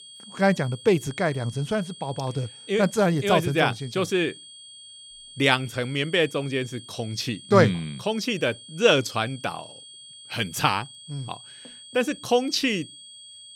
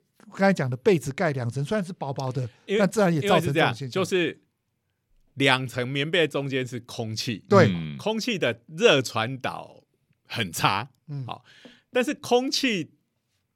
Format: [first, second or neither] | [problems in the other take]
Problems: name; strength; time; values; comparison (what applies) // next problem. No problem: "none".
second | high-pitched whine; noticeable; throughout; 3.5 kHz, 20 dB below the speech